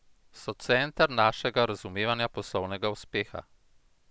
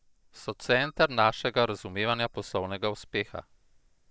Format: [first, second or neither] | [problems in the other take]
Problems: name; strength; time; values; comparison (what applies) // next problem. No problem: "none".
first | noise reduction (neural mask model DeepFilterNet 3)